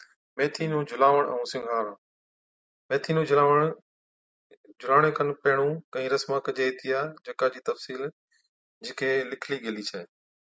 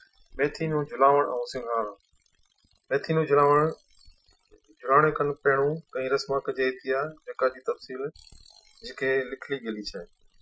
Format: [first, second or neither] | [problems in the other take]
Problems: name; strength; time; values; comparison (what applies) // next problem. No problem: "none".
first | noise reduction (classical method Wiener filter)